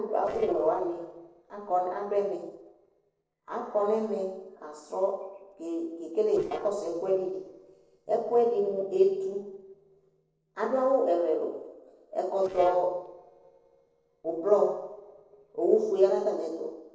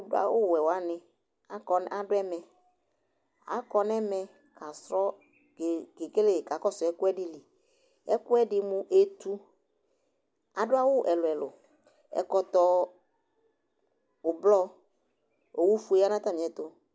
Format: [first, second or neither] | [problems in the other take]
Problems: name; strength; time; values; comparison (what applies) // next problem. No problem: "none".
second | noise reduction (neural separator model SepFormer DNS4)